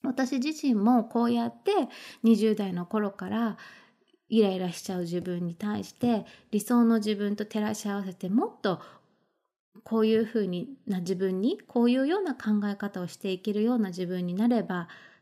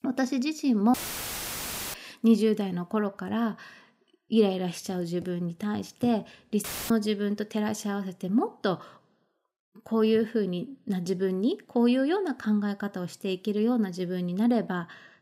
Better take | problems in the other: first | audio cutting out; filled with static; at 1 s for 1 s and at 6.5 s

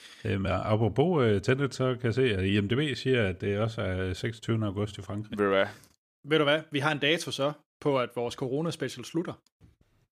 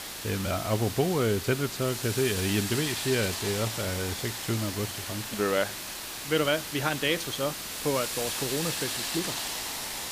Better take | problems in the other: first | hiss; loud; throughout; 3 dB below the speech

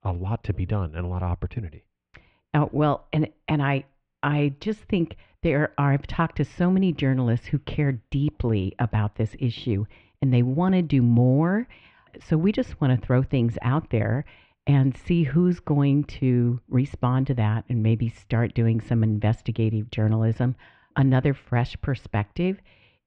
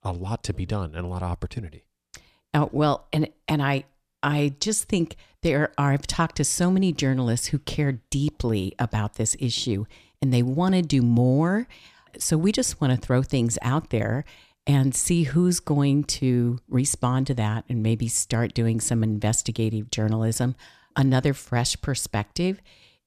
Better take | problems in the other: second | muffled; very; fading above 2.5 kHz

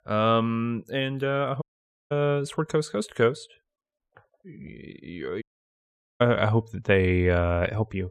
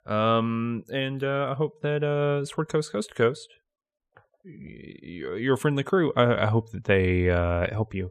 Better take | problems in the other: second | audio cutting out; at 1.5 s and at 5.5 s for 1 s

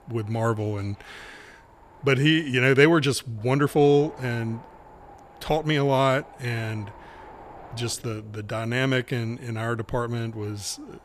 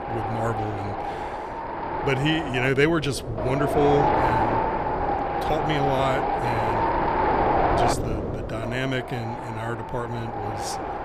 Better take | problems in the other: first | wind noise on the microphone; heavy; 3 dB above the speech; occasional gusts in the first

